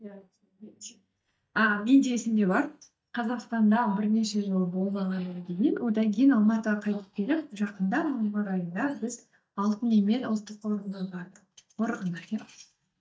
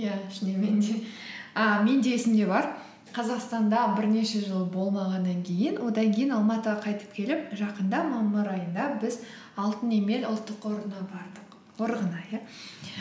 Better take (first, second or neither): second